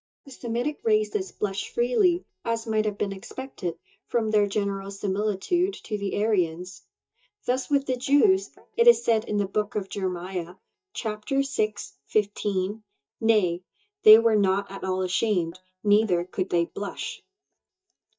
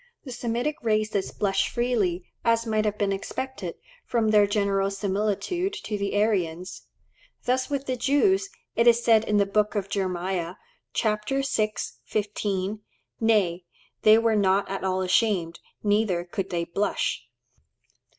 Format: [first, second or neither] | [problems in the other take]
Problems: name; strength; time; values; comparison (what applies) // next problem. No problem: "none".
second | noise reduction (neural mask model DeepFilterNet 3)